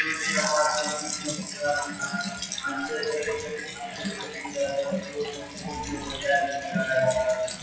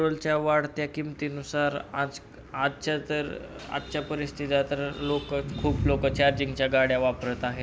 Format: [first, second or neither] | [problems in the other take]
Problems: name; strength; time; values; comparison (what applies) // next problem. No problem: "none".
second | noise reduction (classical method WPE with log-MMSE)